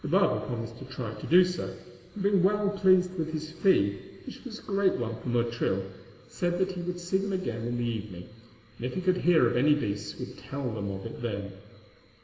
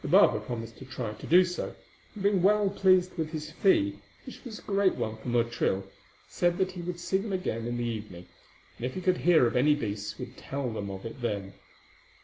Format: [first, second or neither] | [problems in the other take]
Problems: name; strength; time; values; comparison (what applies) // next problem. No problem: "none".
second | room echo; dies away in 3 s